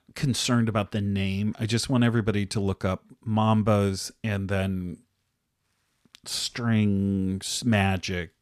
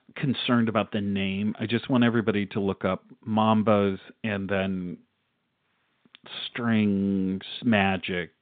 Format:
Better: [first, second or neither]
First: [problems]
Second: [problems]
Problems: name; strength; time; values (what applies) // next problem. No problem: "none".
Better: first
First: none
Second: phone-call audio; nothing above 3.5 kHz